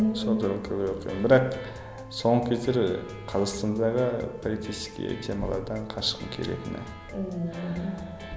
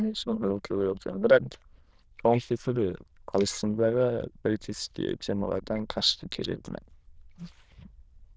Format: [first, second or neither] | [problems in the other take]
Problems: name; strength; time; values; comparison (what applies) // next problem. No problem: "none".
first | noise reduction (neural diffusion model UNIVERSE++)